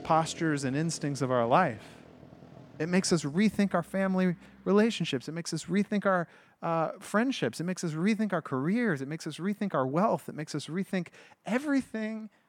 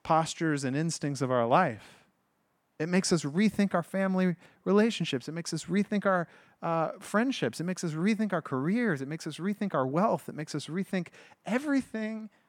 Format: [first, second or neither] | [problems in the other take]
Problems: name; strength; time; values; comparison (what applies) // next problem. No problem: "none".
second | traffic noise; faint; until 4.5 s; 20 dB below the speech